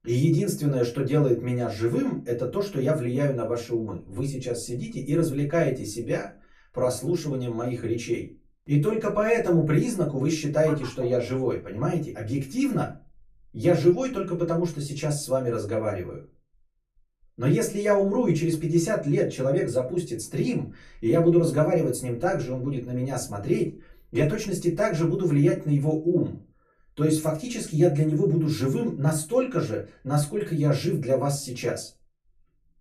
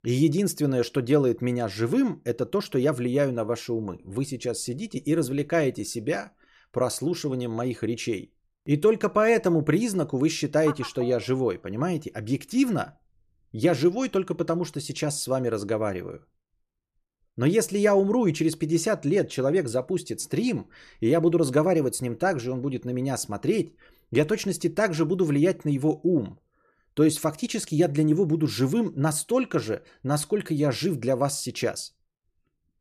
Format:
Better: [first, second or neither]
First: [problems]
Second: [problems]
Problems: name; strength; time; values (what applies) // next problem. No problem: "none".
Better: second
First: off-mic speech; far // room echo; very slight; dies away in 0.2 s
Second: none